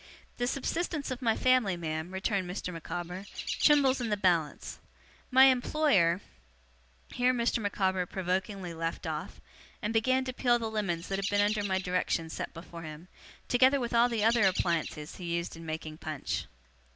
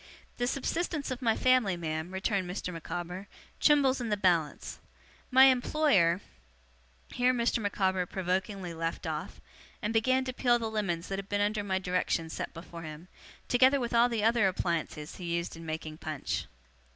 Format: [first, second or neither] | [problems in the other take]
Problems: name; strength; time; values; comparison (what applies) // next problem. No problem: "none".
second | background sound (Chirp, tweet); 10 dB below the speech